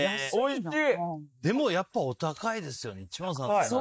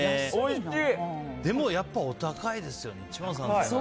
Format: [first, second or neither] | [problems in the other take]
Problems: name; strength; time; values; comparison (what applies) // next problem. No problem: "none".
second | noise reduction (neural mask model Resemble Enhance denoiser)